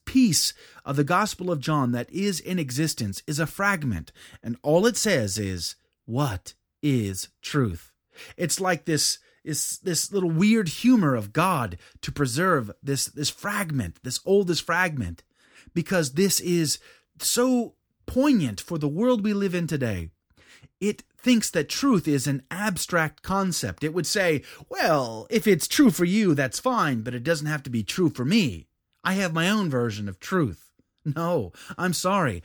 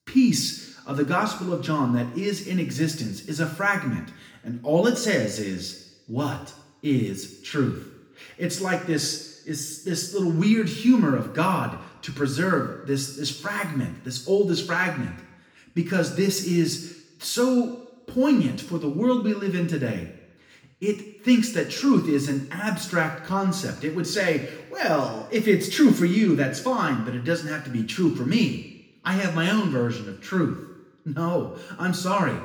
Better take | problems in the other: first | room echo; slight; dies away in 0.8 s // off-mic speech; somewhat distant

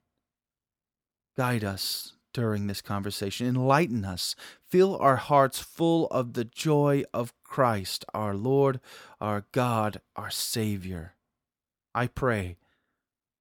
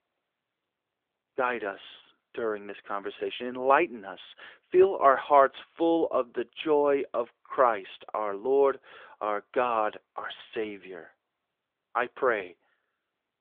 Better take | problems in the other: first | phone-call audio; nothing above 3.5 kHz

